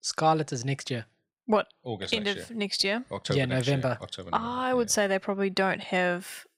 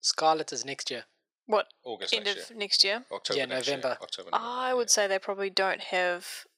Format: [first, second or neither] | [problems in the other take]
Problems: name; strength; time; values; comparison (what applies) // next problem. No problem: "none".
first | thin; somewhat; fading below 450 Hz